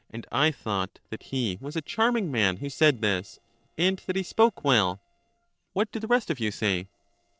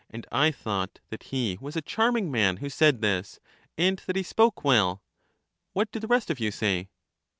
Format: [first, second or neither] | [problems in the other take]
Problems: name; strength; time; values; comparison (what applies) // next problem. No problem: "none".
second | noise reduction (neural separator model SepFormer DNS4)